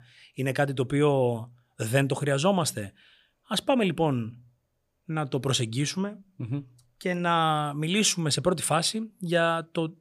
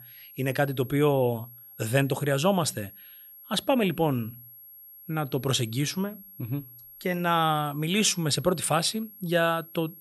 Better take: first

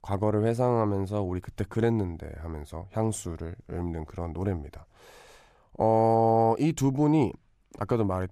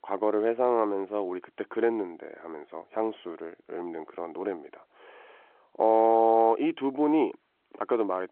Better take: first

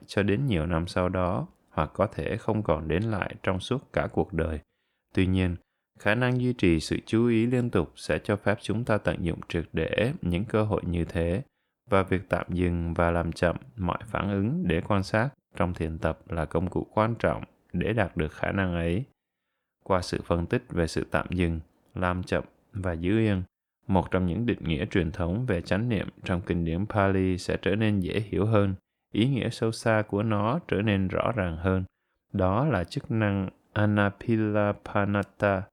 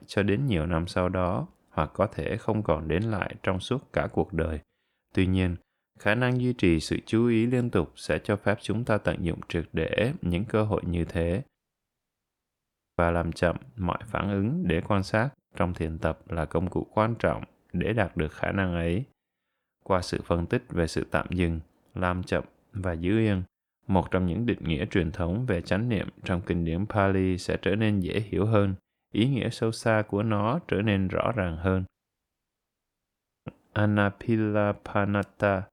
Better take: first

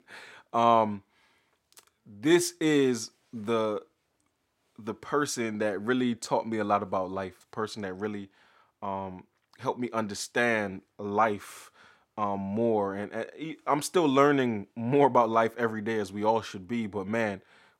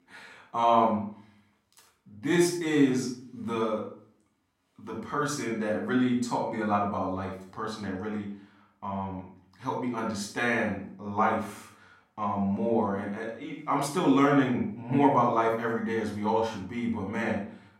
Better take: first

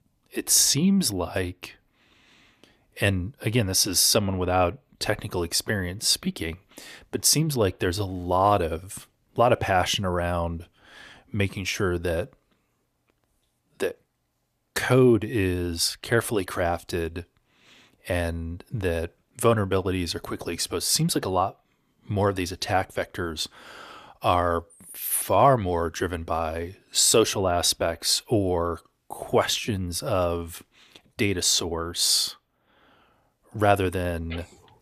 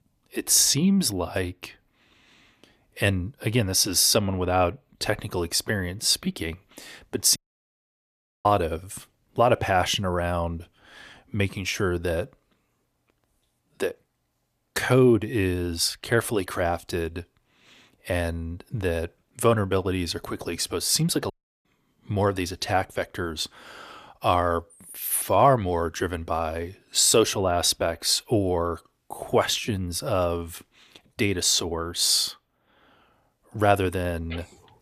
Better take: first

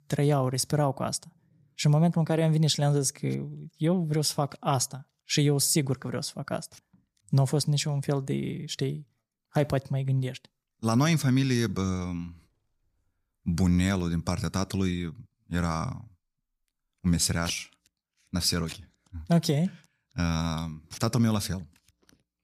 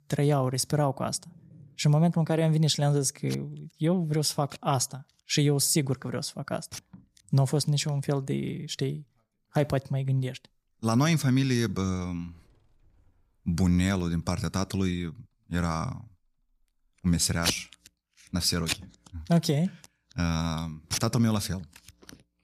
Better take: first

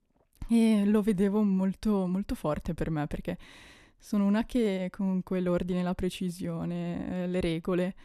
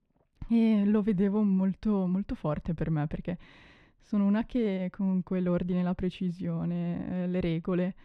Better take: first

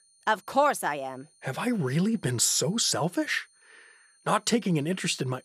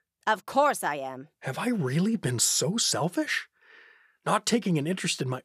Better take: second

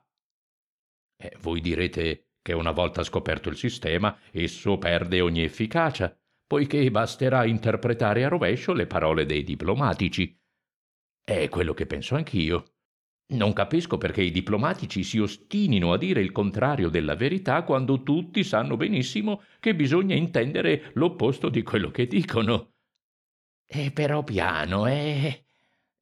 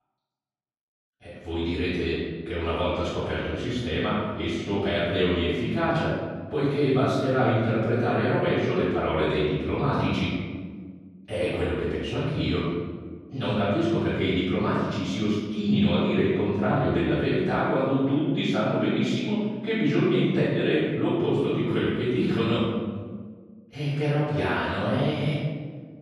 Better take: first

